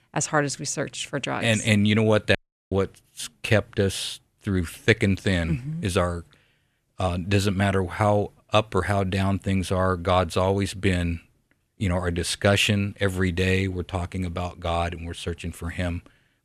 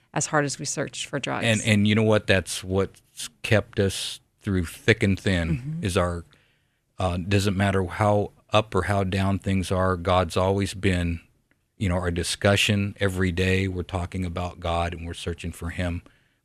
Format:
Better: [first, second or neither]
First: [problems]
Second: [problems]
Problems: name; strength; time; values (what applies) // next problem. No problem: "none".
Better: second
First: audio cutting out; at 2.5 s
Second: none